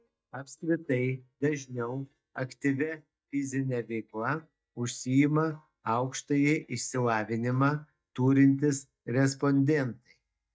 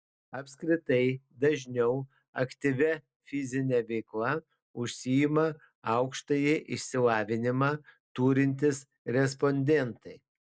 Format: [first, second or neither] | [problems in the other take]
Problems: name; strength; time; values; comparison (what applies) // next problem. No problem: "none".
second | noise reduction (neural mask model DeepFilterNet 3)